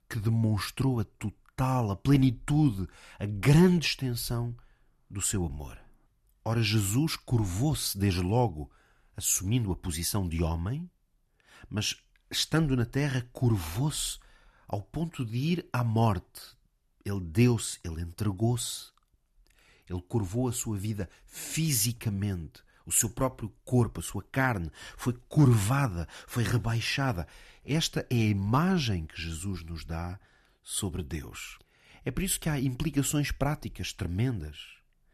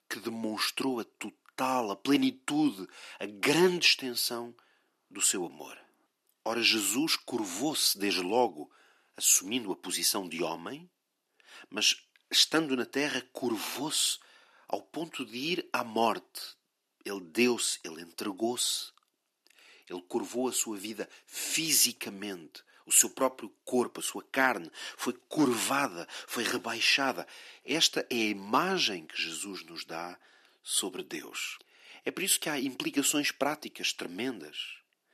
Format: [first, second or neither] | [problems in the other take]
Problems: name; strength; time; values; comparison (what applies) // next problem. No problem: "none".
first | thin; somewhat; fading below 300 Hz